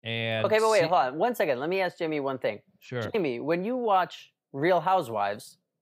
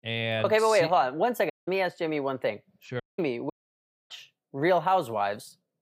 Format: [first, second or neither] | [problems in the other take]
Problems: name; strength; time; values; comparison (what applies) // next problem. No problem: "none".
first | audio cutting out; at 1.5 s, at 3 s and at 3.5 s for 0.5 s